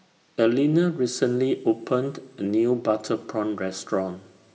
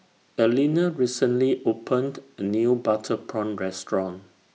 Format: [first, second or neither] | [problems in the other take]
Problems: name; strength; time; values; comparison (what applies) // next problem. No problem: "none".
second | room echo; dies away in 2.4 s